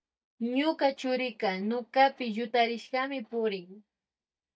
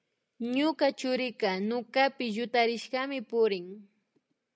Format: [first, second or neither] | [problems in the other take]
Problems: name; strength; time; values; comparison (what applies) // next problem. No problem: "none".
second | noise reduction (neural mask model DeepFilterNet 3)